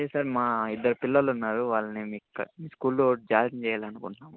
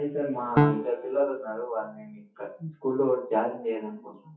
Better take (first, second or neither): first